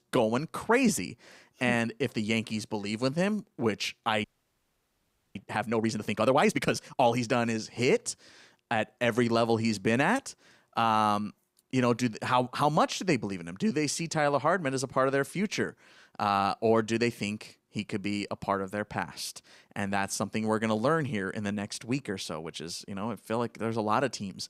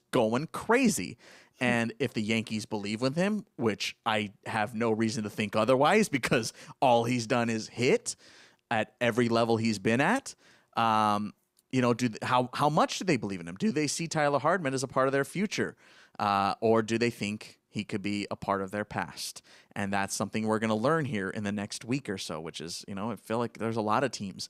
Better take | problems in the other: second | audio freezing; at 4 s for 1 s

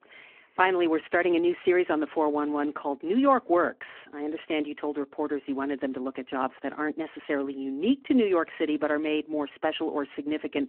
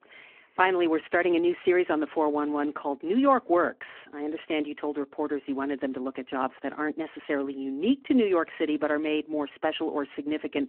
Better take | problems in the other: neither | phone-call audio; the same in both

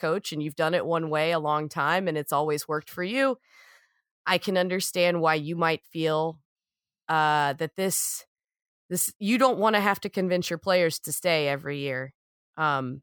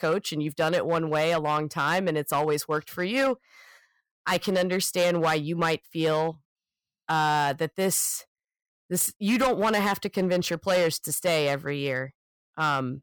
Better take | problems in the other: first | distortion; slight; 6% of the sound clipped

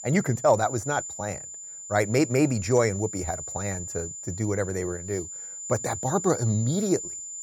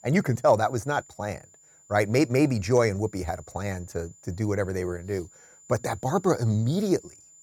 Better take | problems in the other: second | high-pitched whine; loud; throughout; 7 kHz, 8 dB below the speech; faint in the second

